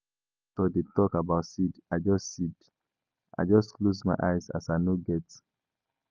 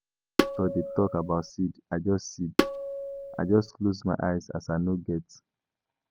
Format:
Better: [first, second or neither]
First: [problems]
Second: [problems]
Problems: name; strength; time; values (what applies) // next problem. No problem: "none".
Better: first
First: none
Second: background sound (Tabla); as loud as the speech